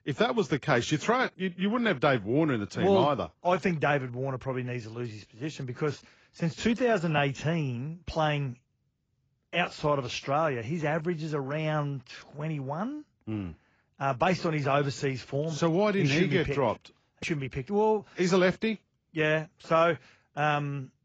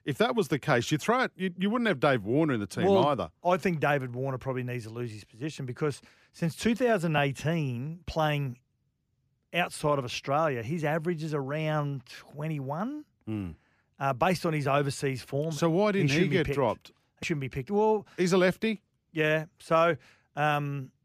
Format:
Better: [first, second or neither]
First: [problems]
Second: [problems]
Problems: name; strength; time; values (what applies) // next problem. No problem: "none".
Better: second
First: garbled, watery; badly; nothing above 7.5 kHz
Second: none